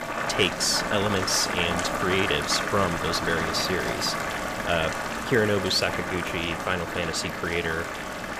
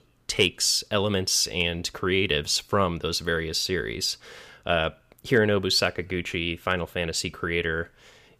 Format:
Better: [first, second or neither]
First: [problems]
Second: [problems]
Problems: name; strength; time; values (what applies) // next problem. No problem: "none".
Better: second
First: household noises; loud; throughout; 3 dB below the speech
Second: none